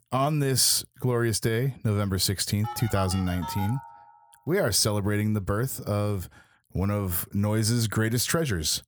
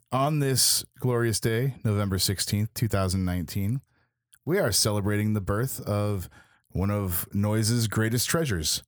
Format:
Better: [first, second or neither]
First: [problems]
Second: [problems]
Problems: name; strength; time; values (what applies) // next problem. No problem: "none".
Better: second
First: phone ringing; faint; from 2.5 to 4 s; peak 10 dB below the speech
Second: none